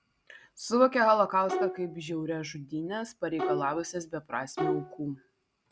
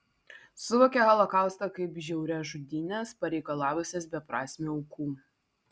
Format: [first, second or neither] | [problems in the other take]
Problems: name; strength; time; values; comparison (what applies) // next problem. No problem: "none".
second | background sound (Bowed string instrument); 5 dB below the speech